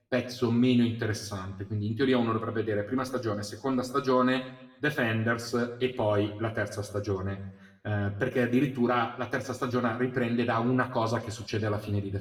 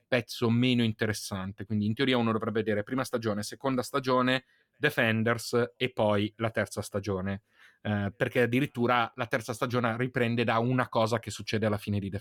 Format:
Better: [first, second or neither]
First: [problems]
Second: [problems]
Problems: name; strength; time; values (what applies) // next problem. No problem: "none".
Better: second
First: room echo; slight; dies away in 0.6 s // off-mic speech; somewhat distant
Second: none